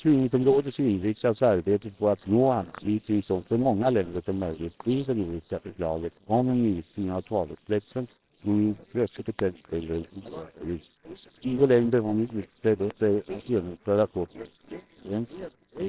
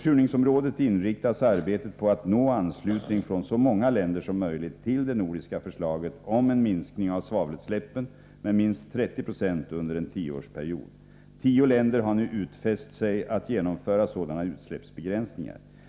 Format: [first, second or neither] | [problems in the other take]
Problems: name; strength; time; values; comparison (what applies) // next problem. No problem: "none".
second | noise reduction (neural separator model SepFormer WHAMR!)